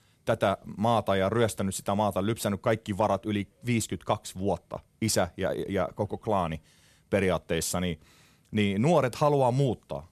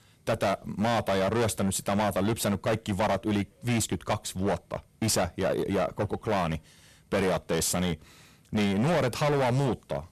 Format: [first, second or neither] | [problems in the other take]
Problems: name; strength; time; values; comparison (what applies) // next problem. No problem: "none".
first | distortion; heavy; 18% of the sound clipped